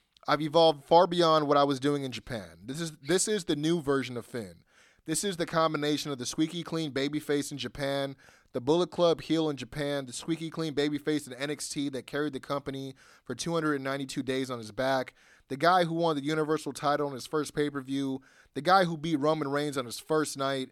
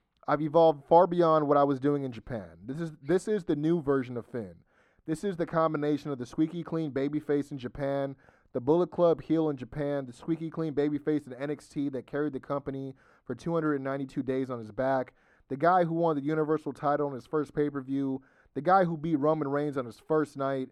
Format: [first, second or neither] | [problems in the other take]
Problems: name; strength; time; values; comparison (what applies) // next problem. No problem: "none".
first | muffled; very; fading above 2 kHz